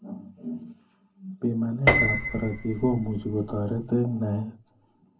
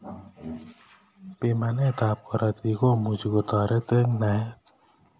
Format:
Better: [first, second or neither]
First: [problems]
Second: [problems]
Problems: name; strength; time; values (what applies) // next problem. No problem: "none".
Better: second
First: background sound (Piano); 1 dB above the speech // room echo; dies away in 0.4 s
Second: none